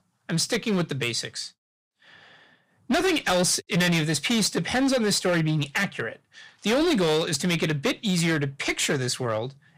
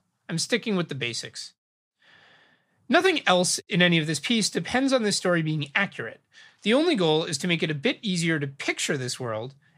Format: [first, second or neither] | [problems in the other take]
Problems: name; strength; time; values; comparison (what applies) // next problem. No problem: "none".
second | distortion; heavy; 11% of the sound clipped